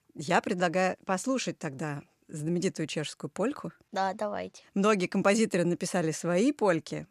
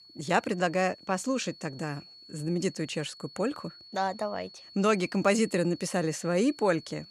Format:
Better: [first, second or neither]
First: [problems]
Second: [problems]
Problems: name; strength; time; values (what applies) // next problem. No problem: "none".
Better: first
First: none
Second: high-pitched whine; noticeable; throughout; 4.5 kHz, 20 dB below the speech